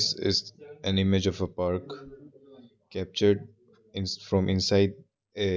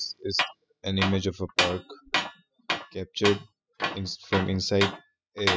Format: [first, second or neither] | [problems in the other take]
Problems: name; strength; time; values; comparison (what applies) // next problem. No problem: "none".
first | noise reduction (classical method spectral subtraction)